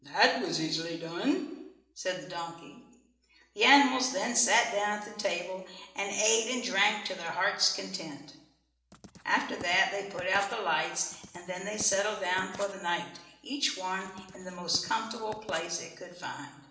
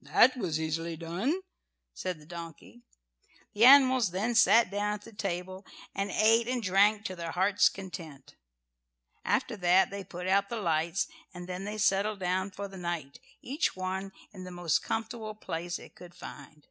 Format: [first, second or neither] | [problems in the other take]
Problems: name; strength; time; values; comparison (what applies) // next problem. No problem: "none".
second | background sound (Writing); 18 dB below the speech // room echo; dies away in 0.8 s